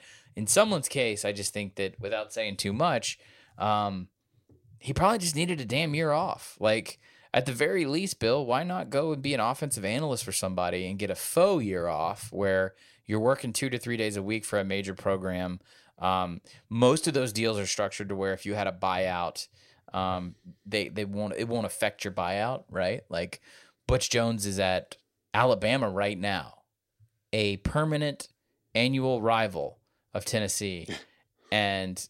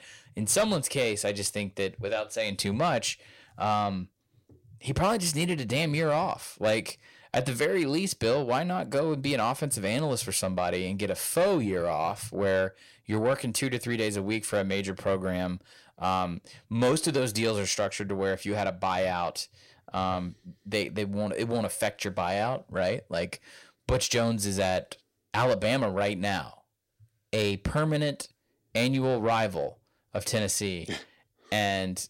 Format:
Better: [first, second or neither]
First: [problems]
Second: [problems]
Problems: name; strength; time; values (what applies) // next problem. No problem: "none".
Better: first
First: none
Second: distortion; slight; 10 dB below the speech